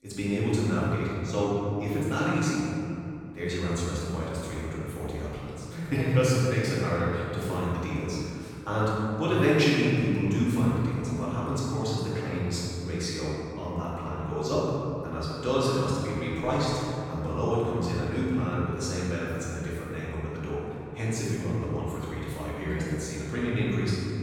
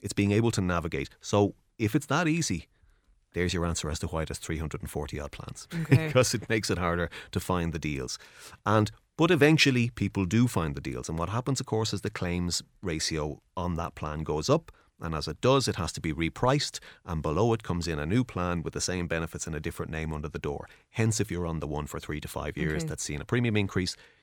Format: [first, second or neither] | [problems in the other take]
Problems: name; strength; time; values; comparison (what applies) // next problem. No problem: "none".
second | room echo; strong; dies away in 2.6 s // off-mic speech; far